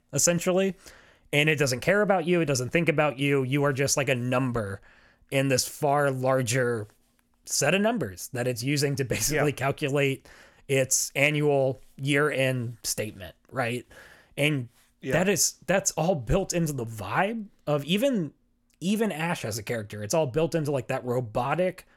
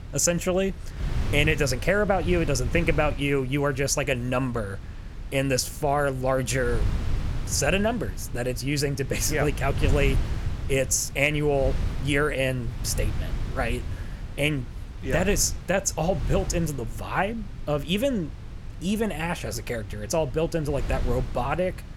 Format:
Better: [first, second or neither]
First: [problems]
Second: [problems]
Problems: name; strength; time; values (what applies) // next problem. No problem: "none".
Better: first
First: none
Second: wind noise on the microphone; occasional gusts; 15 dB below the speech